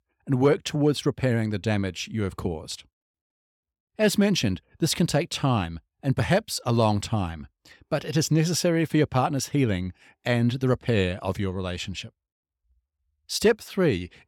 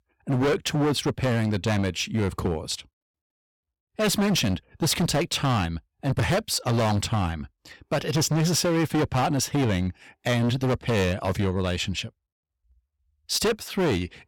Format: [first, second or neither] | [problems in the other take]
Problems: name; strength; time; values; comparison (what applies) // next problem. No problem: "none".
first | distortion; heavy; 17% of the sound clipped